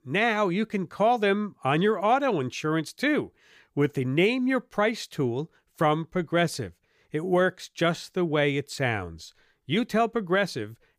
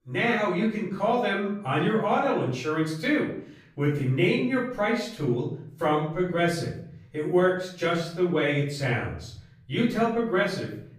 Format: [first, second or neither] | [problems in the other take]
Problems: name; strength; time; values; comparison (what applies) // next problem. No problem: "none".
first | off-mic speech; far // room echo; noticeable; dies away in 0.6 s